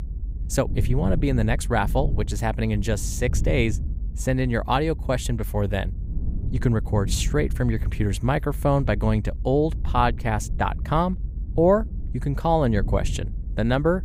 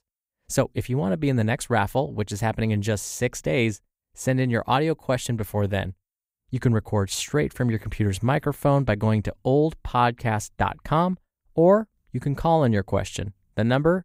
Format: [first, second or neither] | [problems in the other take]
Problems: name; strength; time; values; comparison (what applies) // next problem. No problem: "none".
second | low rumble; noticeable; throughout; 20 dB below the speech